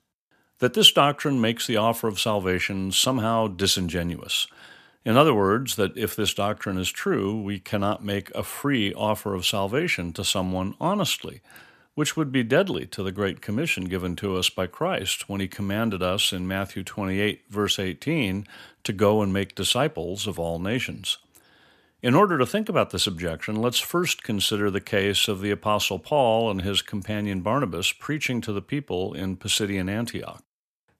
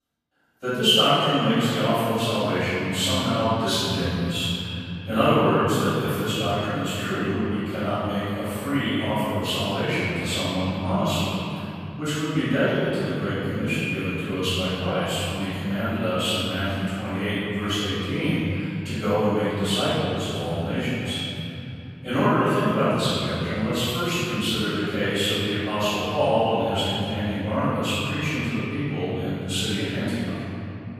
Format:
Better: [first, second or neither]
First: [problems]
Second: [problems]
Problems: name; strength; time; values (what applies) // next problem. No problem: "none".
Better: first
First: none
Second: off-mic speech; far // room echo; strong; dies away in 3 s